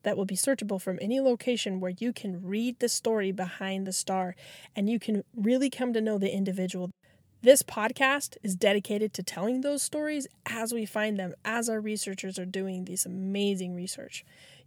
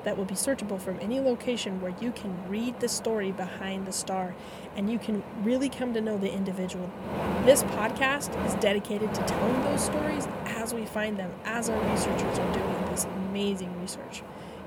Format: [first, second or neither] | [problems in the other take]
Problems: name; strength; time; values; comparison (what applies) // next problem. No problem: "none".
first | wind noise on the microphone; heavy; 4 dB below the speech